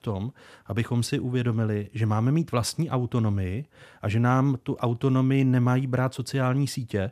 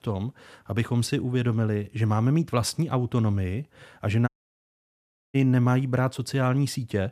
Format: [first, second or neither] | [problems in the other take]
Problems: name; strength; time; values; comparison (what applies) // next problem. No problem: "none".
first | audio cutting out; at 4.5 s for 1 s